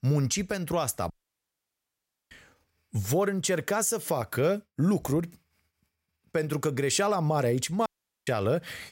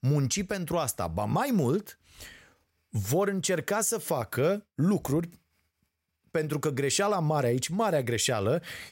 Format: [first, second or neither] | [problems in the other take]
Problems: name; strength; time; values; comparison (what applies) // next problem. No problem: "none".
second | audio cutting out; at 1 s for 1 s and at 8 s